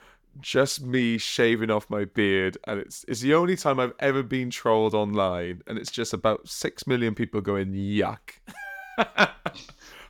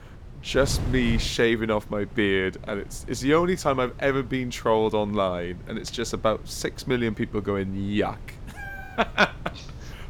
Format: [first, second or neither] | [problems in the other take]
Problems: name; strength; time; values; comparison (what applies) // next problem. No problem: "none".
first | wind noise on the microphone; occasional gusts; 20 dB below the speech